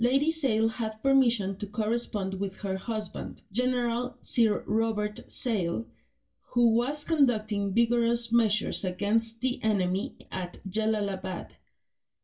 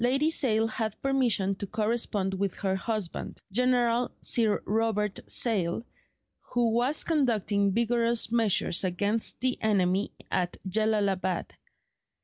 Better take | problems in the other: second | room echo; dies away in 0.2 s

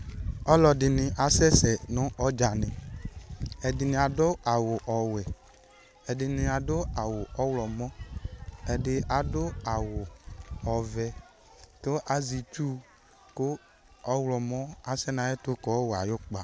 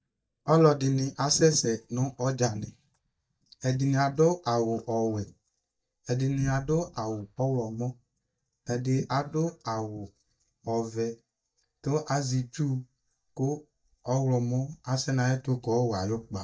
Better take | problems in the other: first | noise reduction (neural mask model DeepFilterNet 3)

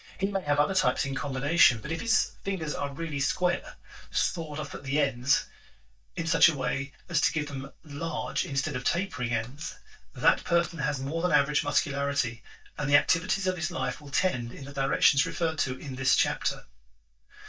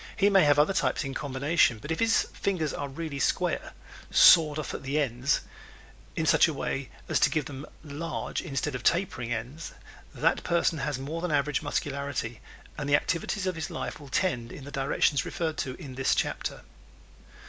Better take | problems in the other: second | noise reduction (neural mask model DeepFilterNet 3)

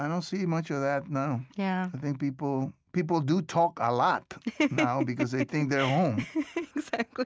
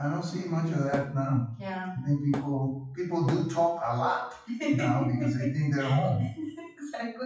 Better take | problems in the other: first | noise reduction (classical method WPE with log-MMSE)

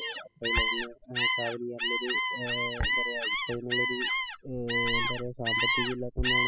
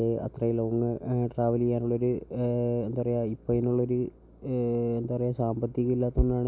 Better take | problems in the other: second | noise reduction (classical method spectral subtraction)

